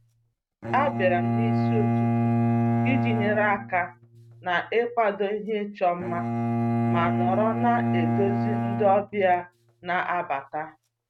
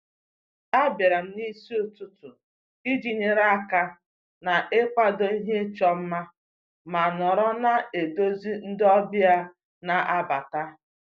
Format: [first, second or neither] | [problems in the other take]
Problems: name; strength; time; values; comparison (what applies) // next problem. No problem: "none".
second | noise reduction (neural mask model RNNoise)